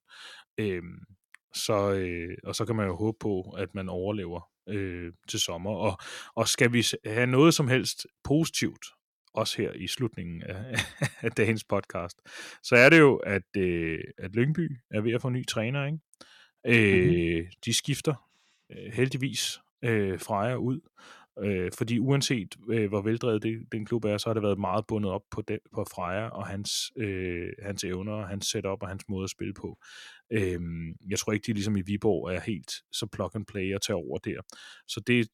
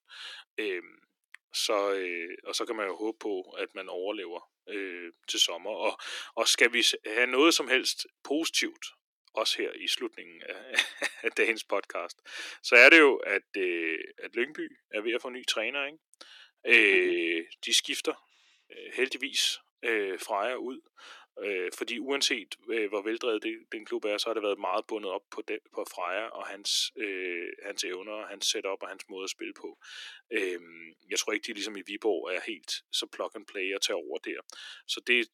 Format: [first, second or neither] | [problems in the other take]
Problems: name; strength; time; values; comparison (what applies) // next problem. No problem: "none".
first | thin; very; fading below 300 Hz